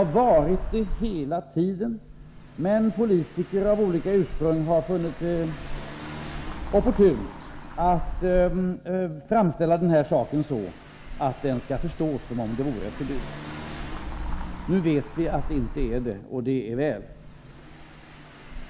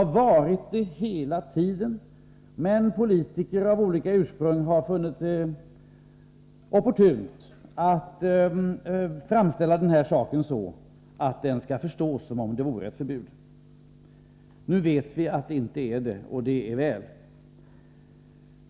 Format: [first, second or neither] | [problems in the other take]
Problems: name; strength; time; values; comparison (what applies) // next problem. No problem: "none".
second | background sound (Engine / Car); 9 dB below the speech